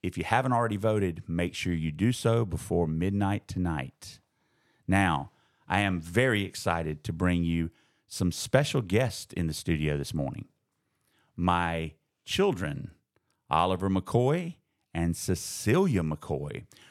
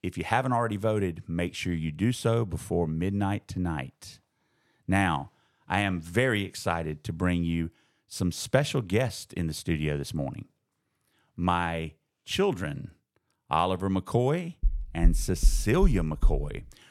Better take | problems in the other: first | door banging; noticeable; from 15 s on; peak level with the speech

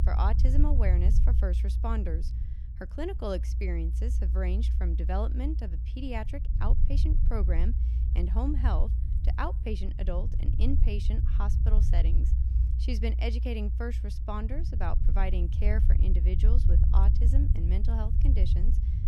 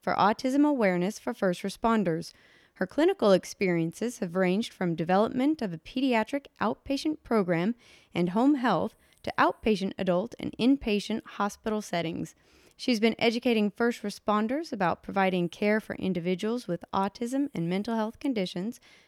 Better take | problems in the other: second | low rumble; loud; throughout; 7 dB below the speech

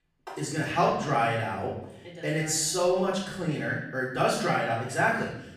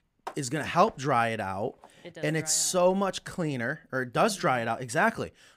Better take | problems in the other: second | off-mic speech; far // room echo; noticeable; dies away in 0.8 s

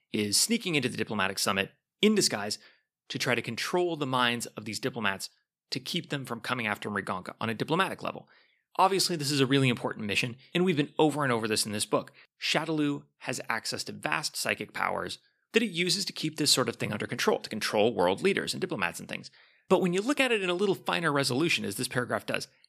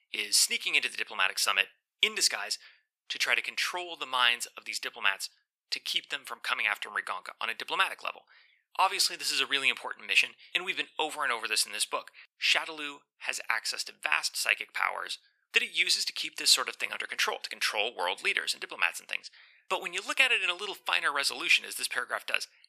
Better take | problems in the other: first | thin; very; fading below 950 Hz

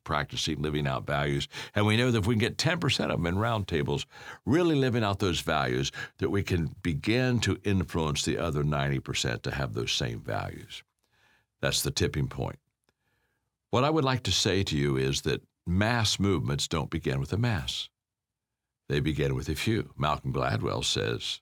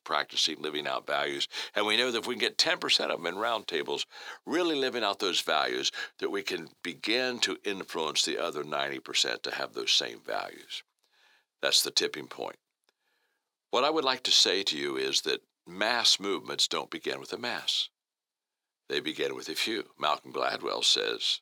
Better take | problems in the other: first | thin; very; fading below 350 Hz

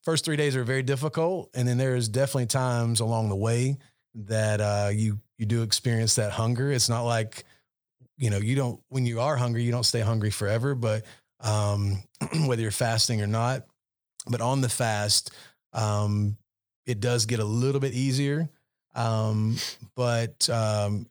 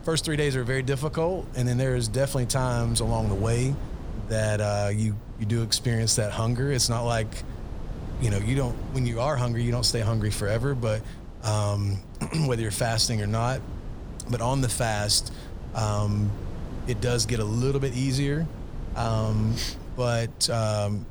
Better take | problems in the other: first | wind noise on the microphone; occasional gusts; 15 dB below the speech

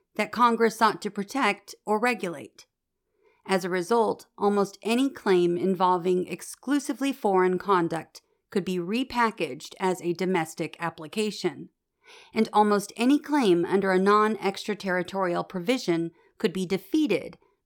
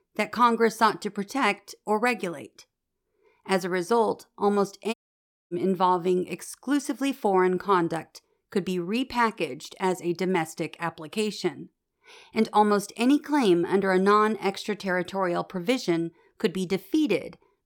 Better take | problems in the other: first | audio cutting out; at 5 s for 0.5 s

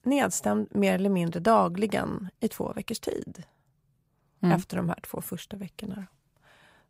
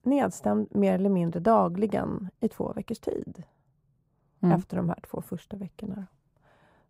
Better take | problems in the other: first | muffled; slightly; fading above 1.5 kHz

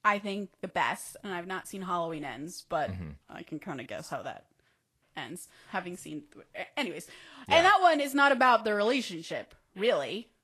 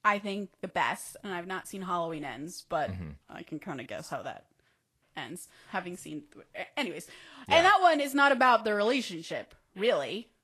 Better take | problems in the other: neither | garbled, watery; slightly; nothing above 12.5 kHz; the same in both

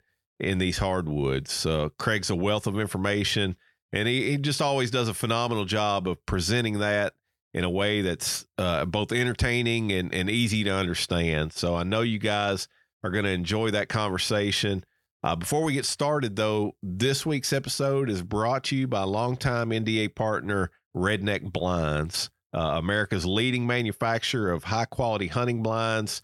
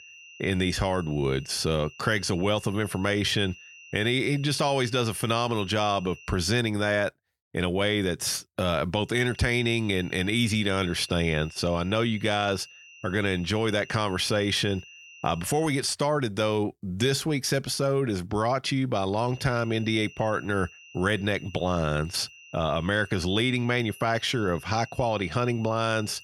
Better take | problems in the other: first | high-pitched whine; faint; until 6.5 s, from 9 to 16 s and from 19 s on; 3 kHz, 20 dB below the speech

